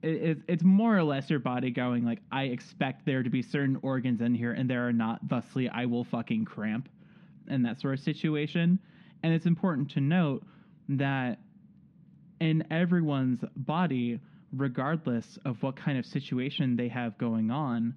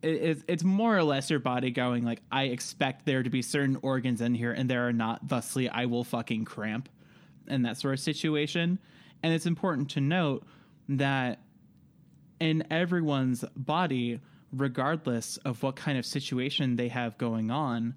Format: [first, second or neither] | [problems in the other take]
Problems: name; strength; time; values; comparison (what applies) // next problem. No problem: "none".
second | muffled; slightly; fading above 2.5 kHz